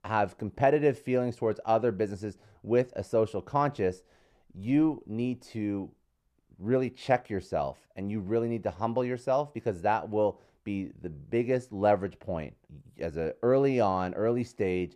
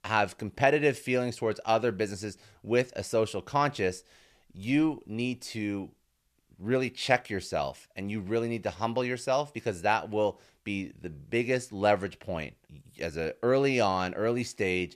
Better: second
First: muffled; slightly; fading above 1.5 kHz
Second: none

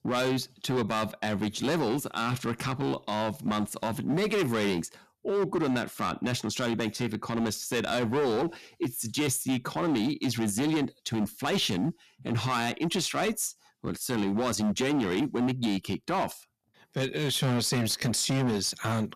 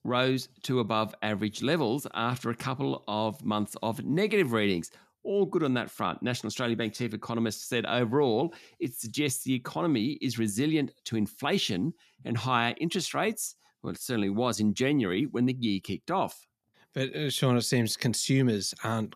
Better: second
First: distortion; heavy; 15% of the sound clipped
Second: none

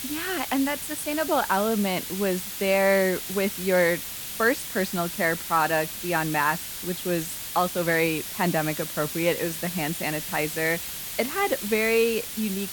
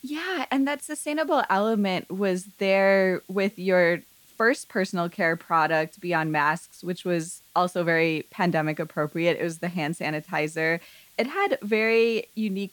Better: second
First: hiss; loud; throughout; 6 dB below the speech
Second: hiss; faint; throughout; 30 dB below the speech

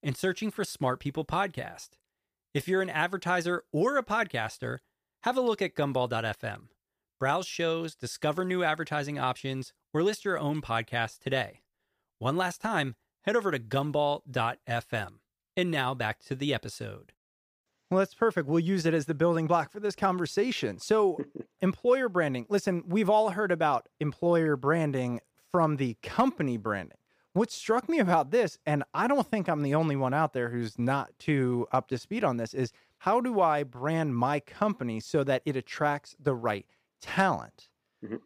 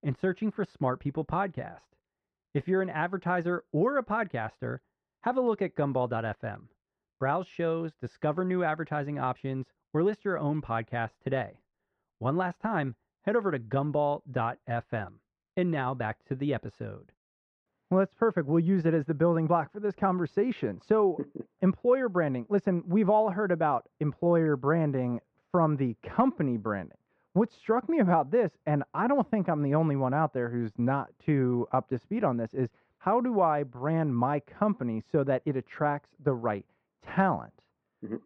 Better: first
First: none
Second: muffled; very; fading above 1.5 kHz

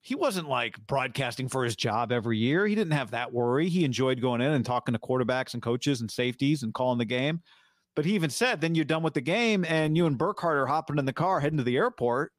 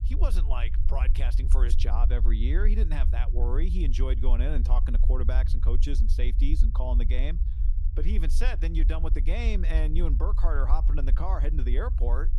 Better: first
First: none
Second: low rumble; noticeable; throughout; 10 dB below the speech

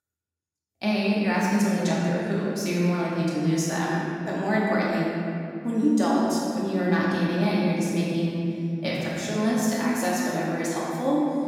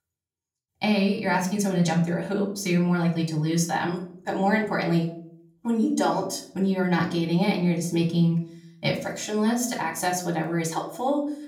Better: second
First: room echo; strong; dies away in 2.6 s // off-mic speech; far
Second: room echo; slight; dies away in 0.4 s // off-mic speech; somewhat distant

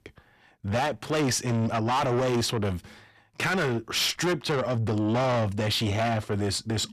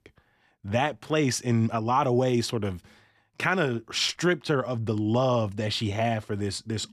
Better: second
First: distortion; heavy; 7 dB below the speech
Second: none

